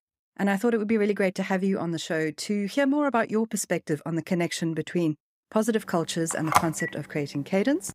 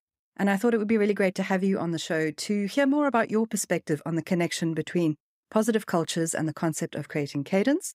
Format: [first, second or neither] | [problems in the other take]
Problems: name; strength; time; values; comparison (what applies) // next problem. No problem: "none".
second | phone ringing; loud; at 6.5 s; peak 2 dB above the speech